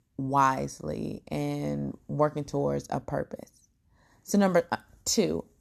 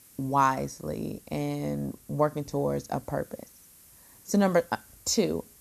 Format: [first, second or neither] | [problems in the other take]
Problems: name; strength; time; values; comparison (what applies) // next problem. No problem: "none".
first | hiss; faint; throughout; 25 dB below the speech